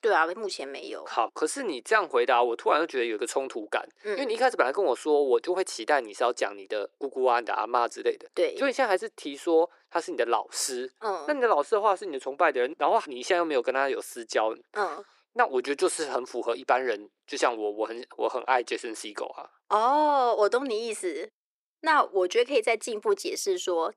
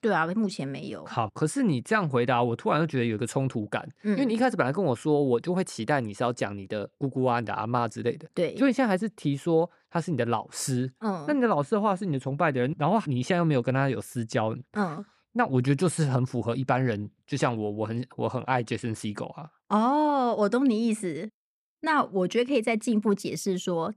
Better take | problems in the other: second | thin; very; fading below 350 Hz

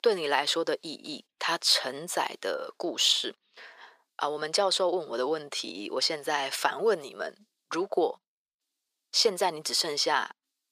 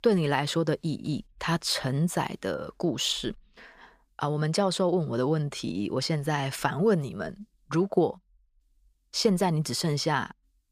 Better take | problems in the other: second | thin; very; fading below 400 Hz

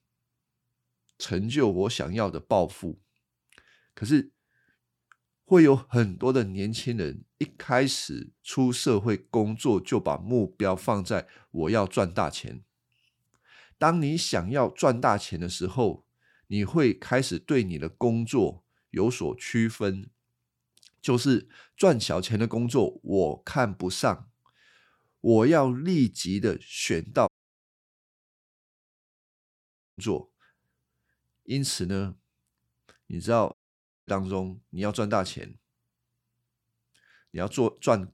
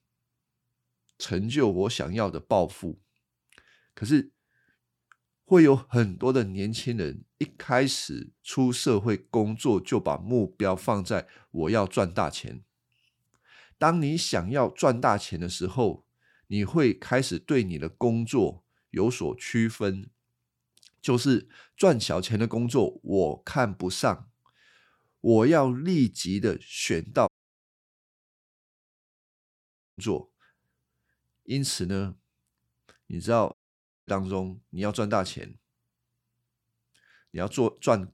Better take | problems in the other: neither | audio cutting out; at 27 s for 2.5 s and at 34 s for 0.5 s; the same in both

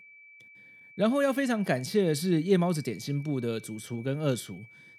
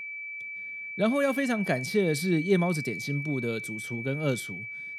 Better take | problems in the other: first | high-pitched whine; loud; throughout; 2.5 kHz, 7 dB below the speech; faint in the first

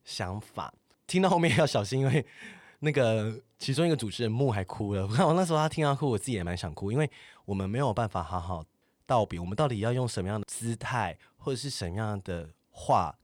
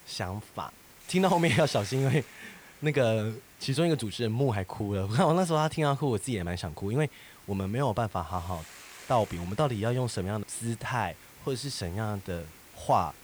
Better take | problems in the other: first | hiss; faint; throughout; 20 dB below the speech

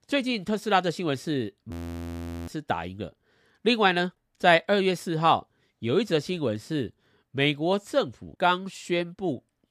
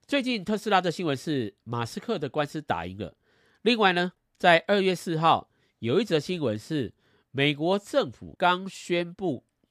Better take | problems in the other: second | audio freezing; at 1.5 s for 1 s

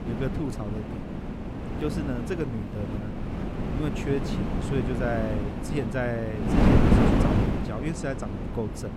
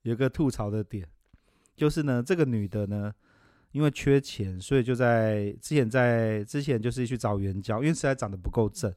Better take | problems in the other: second | wind noise on the microphone; heavy; 2 dB above the speech

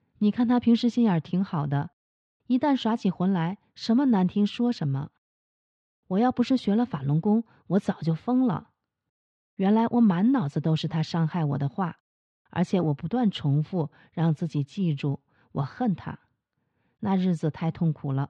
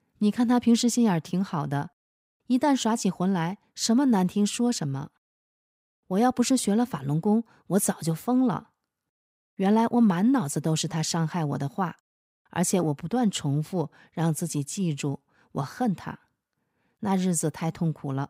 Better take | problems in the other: second | muffled; slightly; fading above 4 kHz

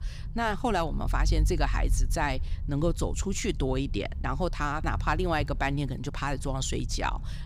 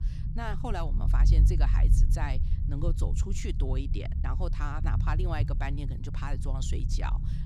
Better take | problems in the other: first | low rumble; loud; throughout; 7 dB below the speech; faint in the first

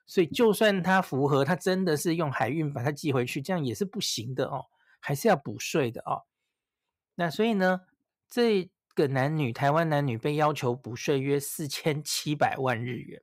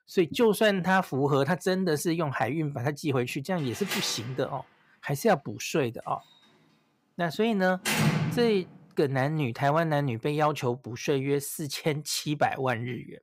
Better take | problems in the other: first | door banging; loud; from 4 to 8.5 s; peak 3 dB above the speech

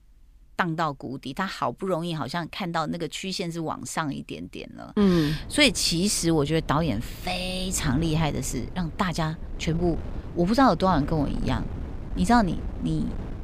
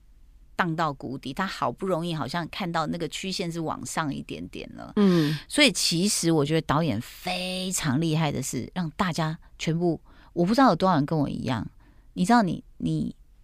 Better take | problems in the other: second | wind noise on the microphone; occasional gusts; from 5 s on; 20 dB below the speech

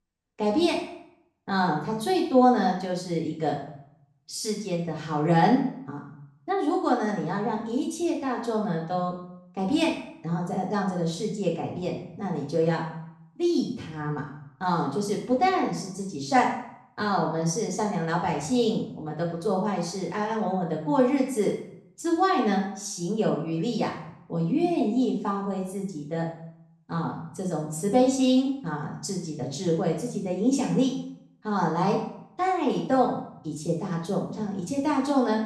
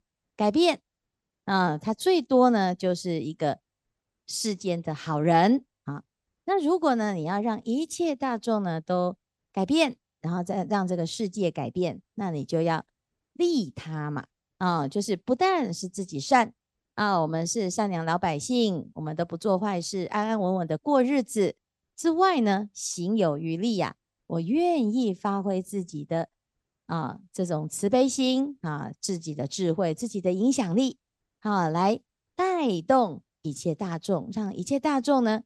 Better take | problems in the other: second | room echo; noticeable; dies away in 0.6 s // off-mic speech; far

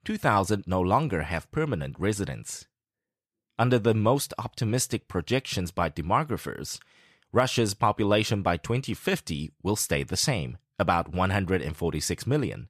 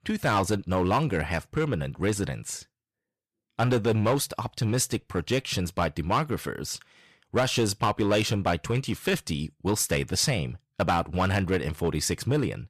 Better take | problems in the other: first | distortion; slight; 5% of the sound clipped

